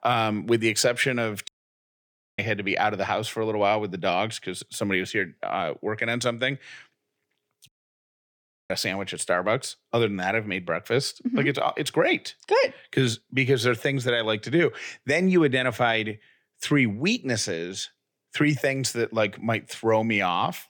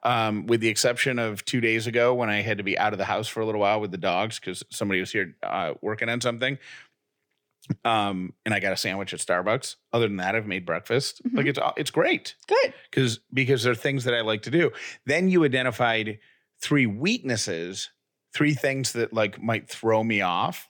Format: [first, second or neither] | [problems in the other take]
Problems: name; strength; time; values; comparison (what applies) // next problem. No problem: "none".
second | audio cutting out; at 1.5 s for 1 s and at 7.5 s for 1 s